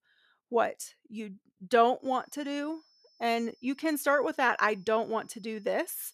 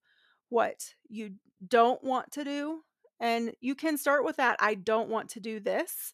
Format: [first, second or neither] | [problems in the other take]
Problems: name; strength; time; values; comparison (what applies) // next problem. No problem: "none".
second | high-pitched whine; faint; from 2 s on; 5.5 kHz, 35 dB below the speech